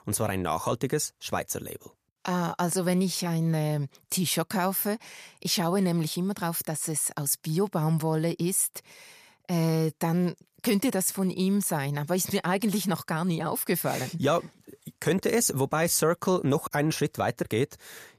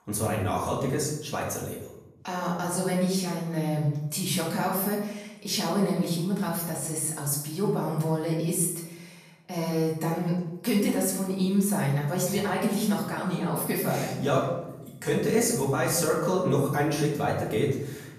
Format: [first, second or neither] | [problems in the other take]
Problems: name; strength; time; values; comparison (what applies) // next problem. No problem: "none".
first | room echo; noticeable; dies away in 0.7 s // off-mic speech; far